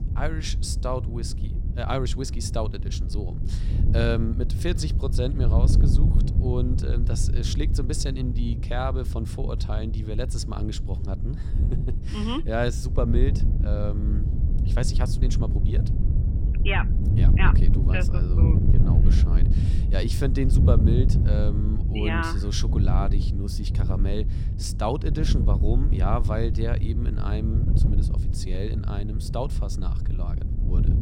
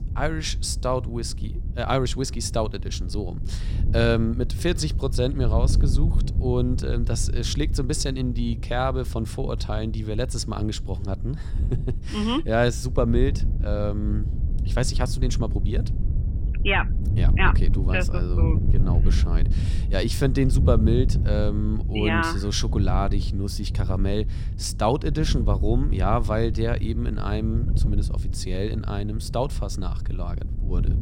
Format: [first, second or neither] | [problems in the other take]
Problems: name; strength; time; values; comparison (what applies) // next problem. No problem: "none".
second | wind noise on the microphone; heavy; 7 dB below the speech; occasional gusts in the second